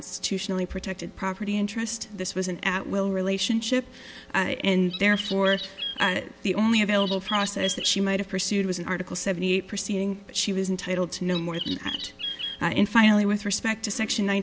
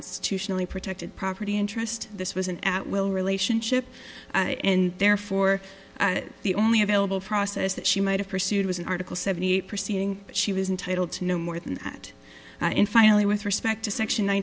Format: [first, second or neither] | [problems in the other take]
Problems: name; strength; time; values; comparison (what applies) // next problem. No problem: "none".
second | background sound (Bird); 9 dB below the speech